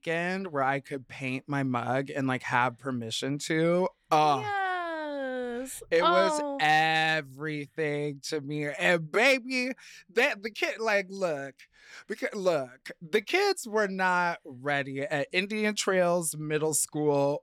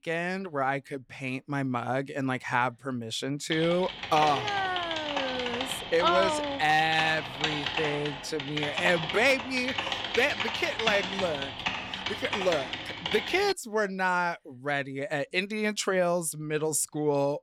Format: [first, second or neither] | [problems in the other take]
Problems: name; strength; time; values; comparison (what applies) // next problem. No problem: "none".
first | keyboard typing; loud; from 3.5 to 14 s; peak level with the speech